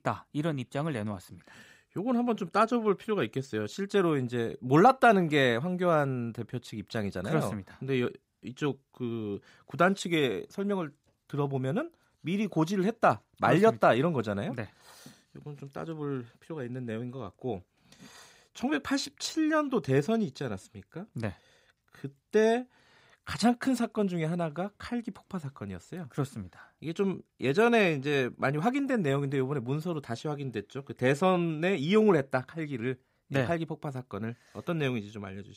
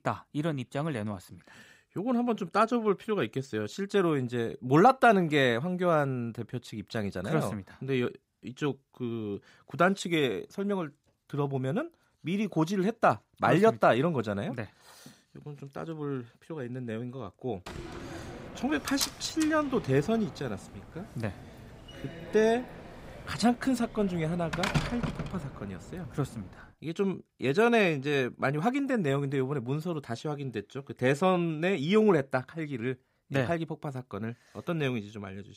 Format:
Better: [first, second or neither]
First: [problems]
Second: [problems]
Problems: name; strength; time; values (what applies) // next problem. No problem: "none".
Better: first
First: none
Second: door banging; noticeable; from 18 to 26 s; peak 1 dB below the speech